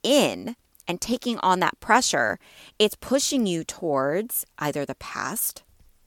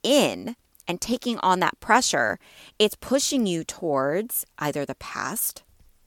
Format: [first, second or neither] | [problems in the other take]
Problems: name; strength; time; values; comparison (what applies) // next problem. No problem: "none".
neither | none